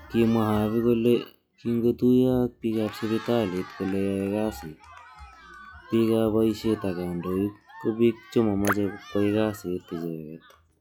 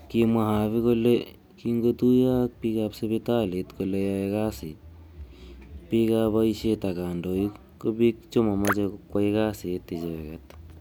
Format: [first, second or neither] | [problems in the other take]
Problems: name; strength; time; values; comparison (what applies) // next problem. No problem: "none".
second | noise reduction (classical method log-MMSE)